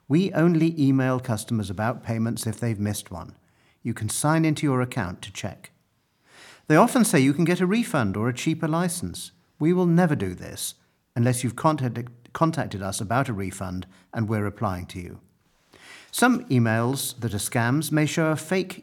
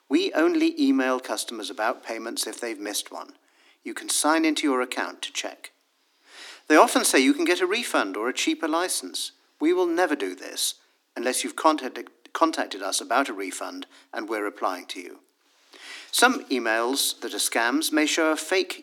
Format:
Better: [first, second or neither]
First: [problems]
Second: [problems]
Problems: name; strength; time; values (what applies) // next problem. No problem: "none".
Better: first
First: none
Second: thin; somewhat; fading below 250 Hz